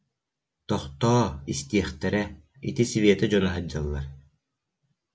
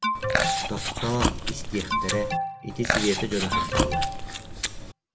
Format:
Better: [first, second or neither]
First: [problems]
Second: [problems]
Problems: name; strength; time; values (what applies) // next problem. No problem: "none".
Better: first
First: none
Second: background sound (Chewing, mastication + Alarm); 5 dB above the speech